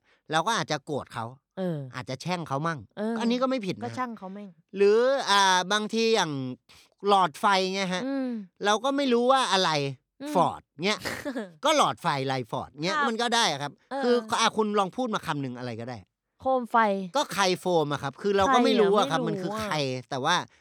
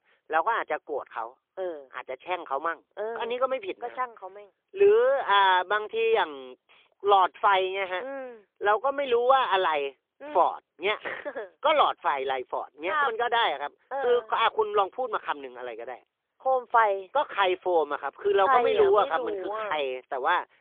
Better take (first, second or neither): first